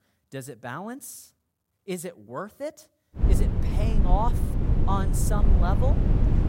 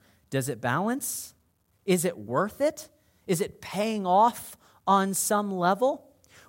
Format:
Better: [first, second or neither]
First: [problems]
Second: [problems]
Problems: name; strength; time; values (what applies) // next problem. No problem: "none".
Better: second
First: wind noise on the microphone; heavy; from 3 s on; 3 dB below the speech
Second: none